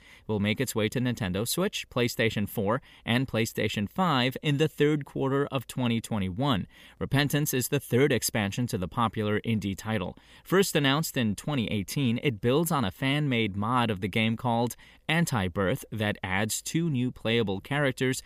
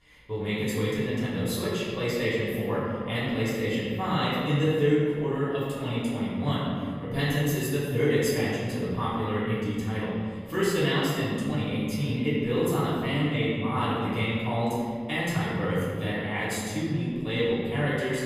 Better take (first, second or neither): first